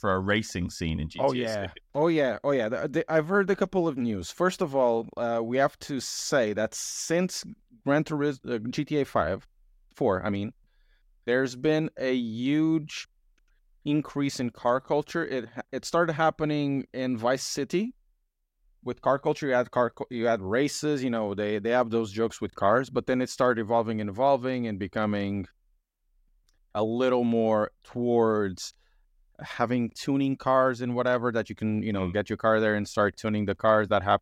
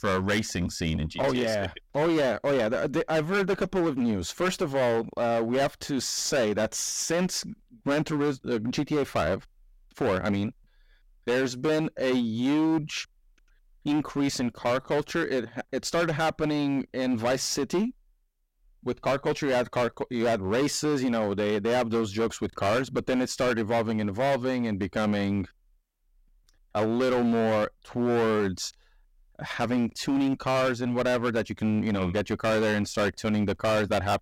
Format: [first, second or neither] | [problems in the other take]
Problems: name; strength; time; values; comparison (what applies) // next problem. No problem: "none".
first | distortion; heavy; 16% of the sound clipped